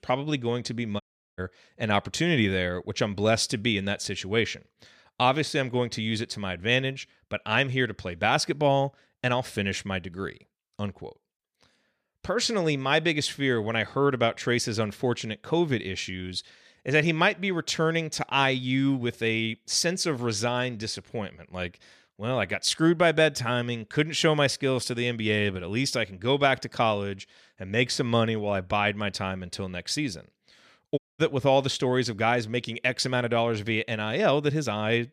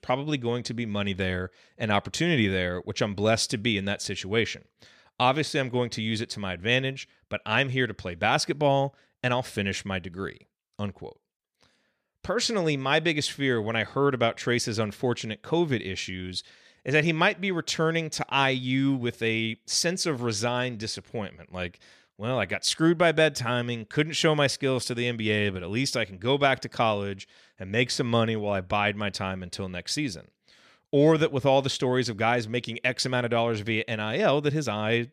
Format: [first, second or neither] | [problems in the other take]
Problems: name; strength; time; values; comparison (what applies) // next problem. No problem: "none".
second | audio cutting out; at 1 s and at 31 s